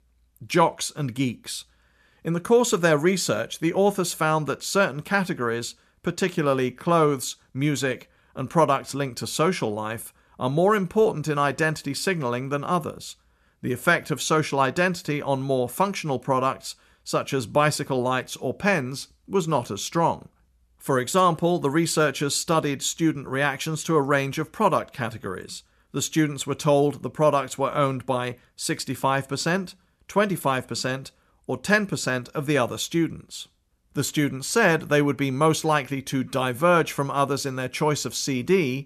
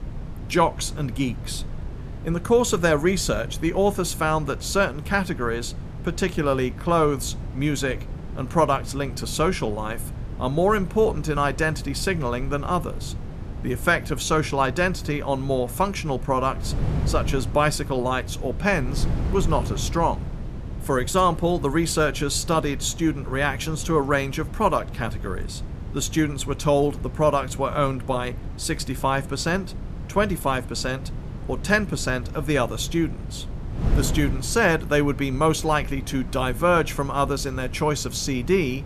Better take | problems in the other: first | wind noise on the microphone; occasional gusts; 20 dB below the speech

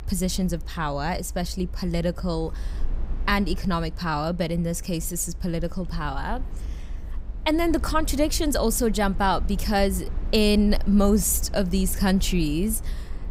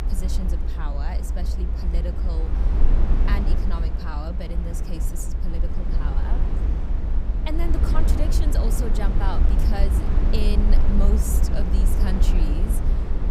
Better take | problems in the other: first | low rumble; loud; throughout; 1 dB below the speech; faint in the first

